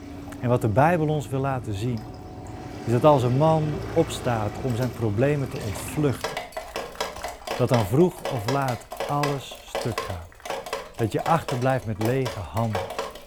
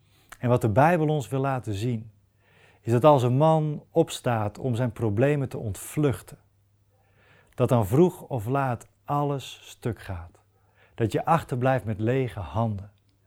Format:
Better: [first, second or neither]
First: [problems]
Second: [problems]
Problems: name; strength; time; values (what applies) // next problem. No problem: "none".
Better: second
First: rain or running water; loud; throughout; 9 dB below the speech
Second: none